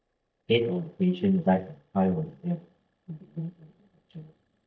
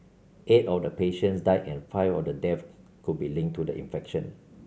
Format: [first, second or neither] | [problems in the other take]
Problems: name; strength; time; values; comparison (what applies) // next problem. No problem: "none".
second | noise reduction (neural mask model DeepFilterNet 3)